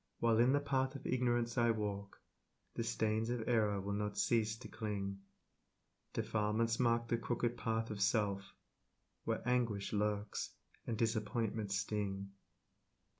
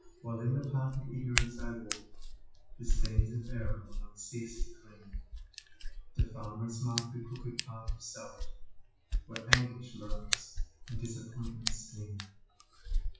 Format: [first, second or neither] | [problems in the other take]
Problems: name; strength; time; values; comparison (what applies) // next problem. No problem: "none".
first | noise reduction (classical method WPE with log-MMSE)